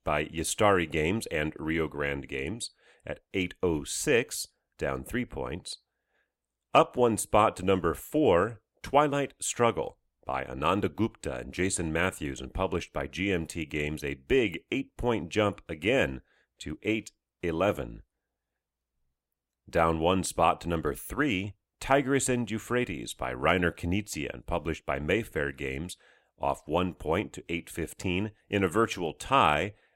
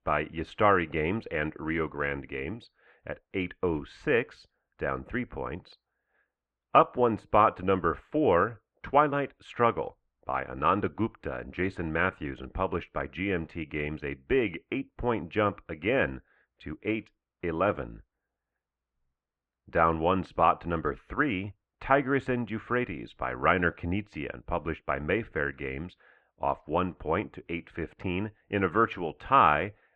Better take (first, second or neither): first